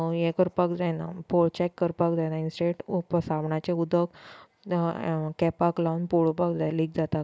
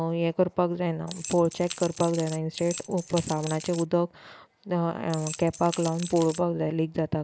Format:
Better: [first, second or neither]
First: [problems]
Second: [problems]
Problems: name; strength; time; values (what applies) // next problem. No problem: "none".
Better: first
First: none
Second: background sound (Rattle / Keys jangling); 12 dB below the speech